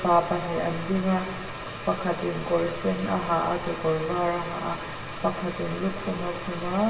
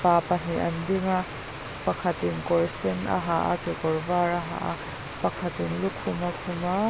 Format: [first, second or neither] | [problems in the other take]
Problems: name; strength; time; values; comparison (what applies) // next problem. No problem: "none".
second | room echo; dies away in 1.4 s